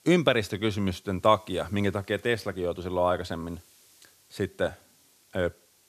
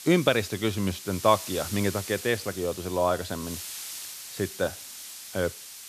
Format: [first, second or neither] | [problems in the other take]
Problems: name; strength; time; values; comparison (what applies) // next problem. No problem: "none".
first | hiss; loud; throughout; 10 dB below the speech; faint in the first